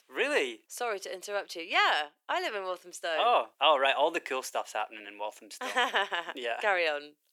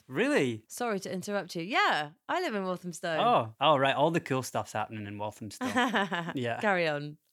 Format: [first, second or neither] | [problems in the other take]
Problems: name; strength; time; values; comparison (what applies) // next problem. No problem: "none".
second | thin; very; fading below 400 Hz